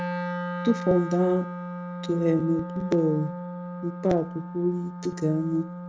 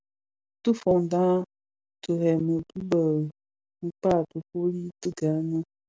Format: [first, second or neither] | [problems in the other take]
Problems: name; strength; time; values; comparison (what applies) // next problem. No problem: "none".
second | background sound (Wind instrument, woodwind instrument); 7 dB below the speech // room echo; dies away in 0.4 s